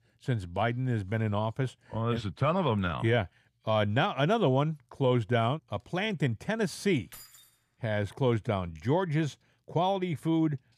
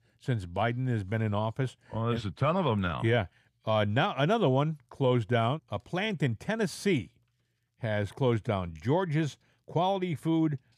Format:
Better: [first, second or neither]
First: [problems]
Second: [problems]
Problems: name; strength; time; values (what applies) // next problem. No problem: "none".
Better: second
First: jangling keys; faint; at 7 s; peak 20 dB below the speech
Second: none